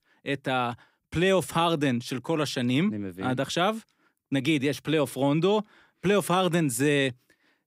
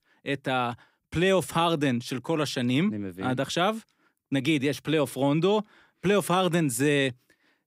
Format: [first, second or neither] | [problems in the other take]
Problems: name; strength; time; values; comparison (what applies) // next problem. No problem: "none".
neither | none